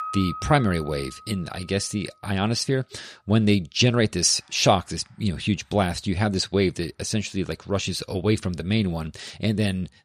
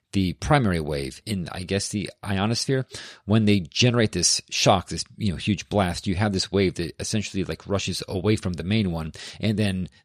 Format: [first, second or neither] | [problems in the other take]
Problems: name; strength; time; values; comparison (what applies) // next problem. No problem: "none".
second | background music; noticeable; throughout; 15 dB below the speech